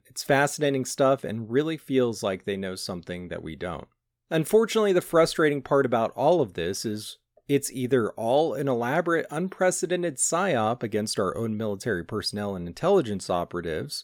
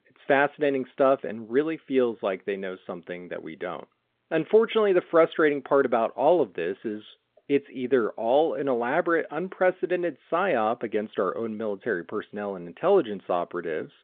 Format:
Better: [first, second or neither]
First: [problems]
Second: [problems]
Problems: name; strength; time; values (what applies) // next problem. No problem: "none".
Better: first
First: none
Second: phone-call audio; nothing above 3.5 kHz